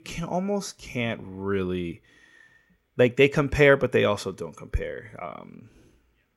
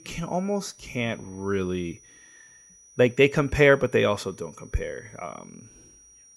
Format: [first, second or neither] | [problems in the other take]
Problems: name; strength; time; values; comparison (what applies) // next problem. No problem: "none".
first | high-pitched whine; faint; throughout; 6 kHz, 25 dB below the speech